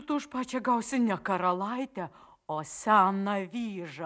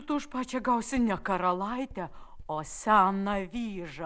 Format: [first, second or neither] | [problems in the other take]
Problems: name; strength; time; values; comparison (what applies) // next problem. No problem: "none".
first | background sound (Writing); 17 dB below the speech